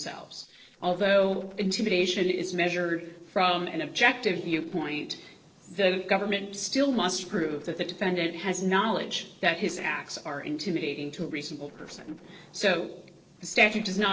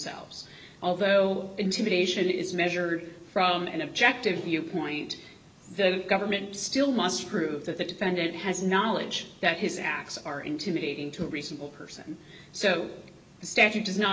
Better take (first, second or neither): second